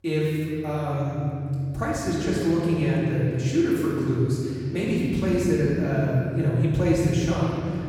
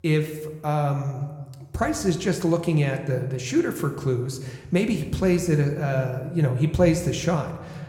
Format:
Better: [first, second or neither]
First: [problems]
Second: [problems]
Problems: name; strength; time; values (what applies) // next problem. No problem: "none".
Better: second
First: room echo; strong; dies away in 2.7 s // off-mic speech; far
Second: room echo; slight; dies away in 0.9 s